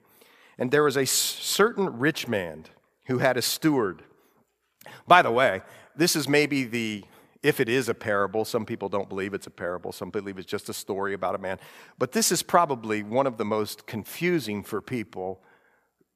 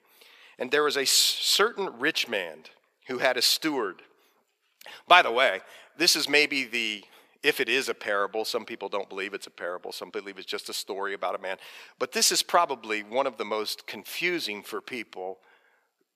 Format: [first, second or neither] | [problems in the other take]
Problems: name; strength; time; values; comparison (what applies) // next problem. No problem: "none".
first | thin; somewhat; fading below 350 Hz